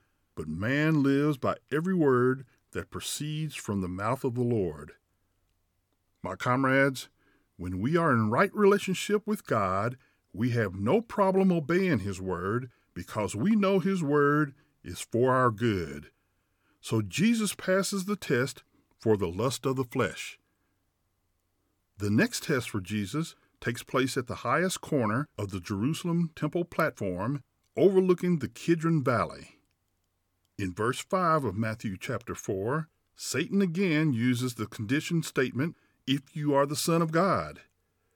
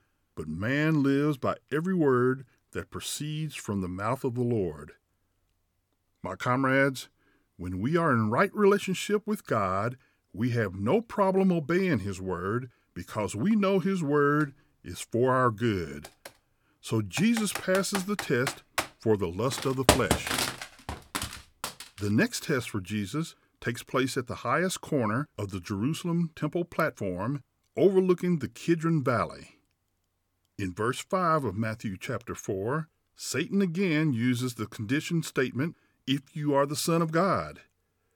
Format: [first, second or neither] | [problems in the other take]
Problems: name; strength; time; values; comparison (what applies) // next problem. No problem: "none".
first | keyboard typing; loud; from 17 to 22 s; peak 5 dB above the speech